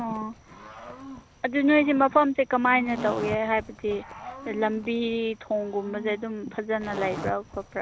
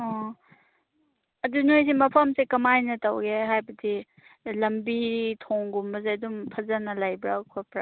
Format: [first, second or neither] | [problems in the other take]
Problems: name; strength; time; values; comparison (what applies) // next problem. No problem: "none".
second | background sound (Cricket / Growling + Zipper (clothing)); 14 dB below the speech